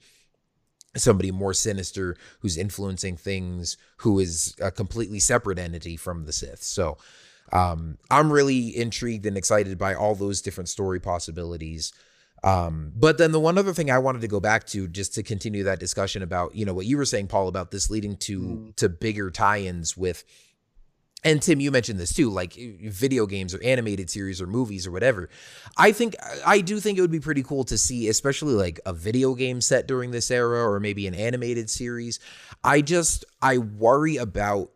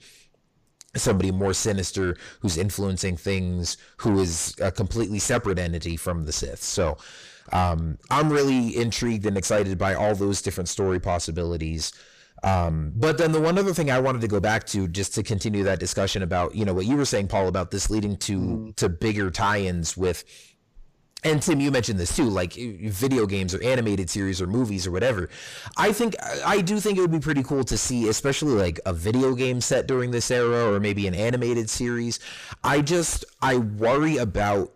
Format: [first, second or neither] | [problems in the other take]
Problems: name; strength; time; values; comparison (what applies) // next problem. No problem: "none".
first | distortion; heavy; 7 dB below the speech